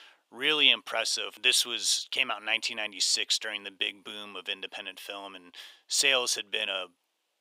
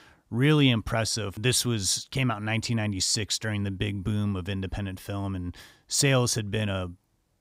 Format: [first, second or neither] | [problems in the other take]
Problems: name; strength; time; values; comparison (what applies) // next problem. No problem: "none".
second | thin; very; fading below 450 Hz